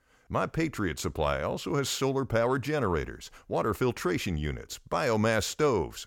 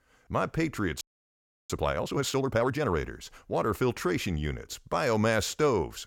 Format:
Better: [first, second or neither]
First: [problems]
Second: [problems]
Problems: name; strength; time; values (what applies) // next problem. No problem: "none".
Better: first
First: none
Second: audio freezing; at 1 s for 0.5 s